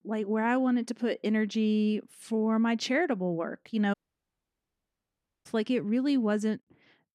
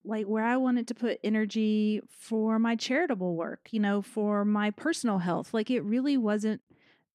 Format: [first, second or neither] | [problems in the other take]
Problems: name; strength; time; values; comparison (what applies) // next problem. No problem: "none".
second | audio cutting out; at 4 s for 1.5 s